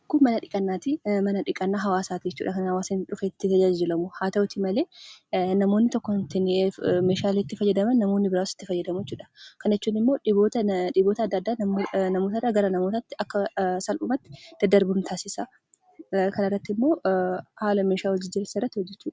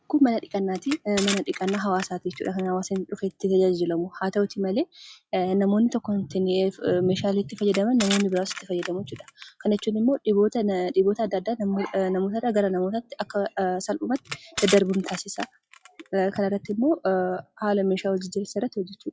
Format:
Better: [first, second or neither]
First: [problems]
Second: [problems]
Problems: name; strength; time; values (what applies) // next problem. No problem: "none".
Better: first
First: none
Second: noise reduction (classical method log-MMSE)